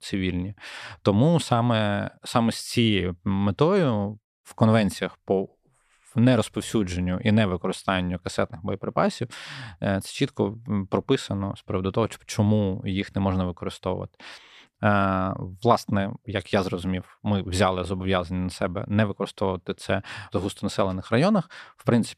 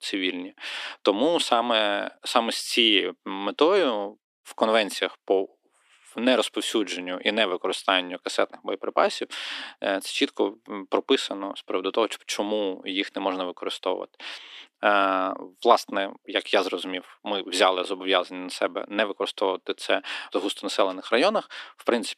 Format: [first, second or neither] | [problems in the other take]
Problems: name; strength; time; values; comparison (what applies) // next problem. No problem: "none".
first | thin; somewhat; fading below 300 Hz